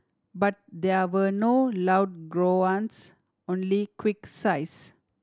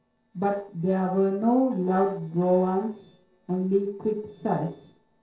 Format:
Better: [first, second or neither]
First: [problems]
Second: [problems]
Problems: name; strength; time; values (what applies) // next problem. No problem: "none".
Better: first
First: none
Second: noise reduction (neural separator model SepFormer DNS4)